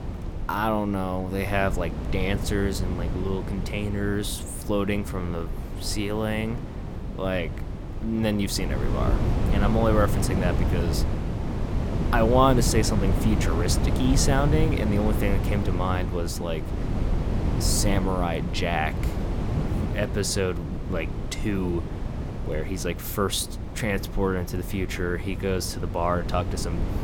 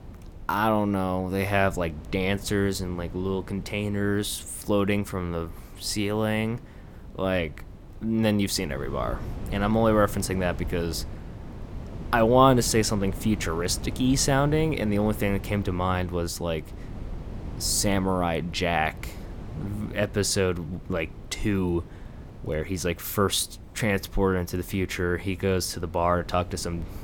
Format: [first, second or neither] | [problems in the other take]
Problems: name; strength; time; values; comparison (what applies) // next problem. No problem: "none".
second | wind noise on the microphone; heavy; 8 dB below the speech; occasional gusts in the second